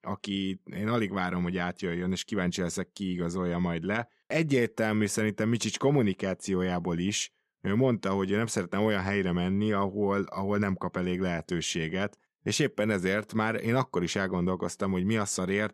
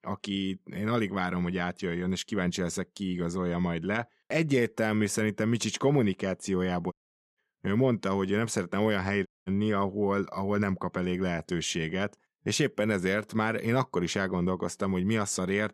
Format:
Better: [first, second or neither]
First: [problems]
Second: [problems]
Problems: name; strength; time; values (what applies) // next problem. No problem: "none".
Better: first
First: none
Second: audio cutting out; at 7 s and at 9.5 s